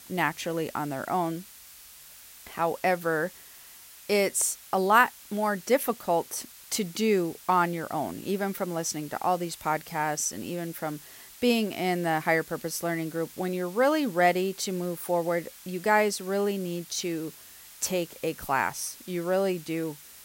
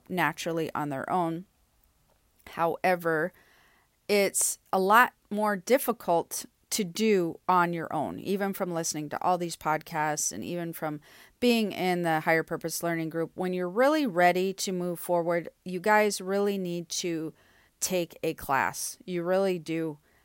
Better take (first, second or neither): second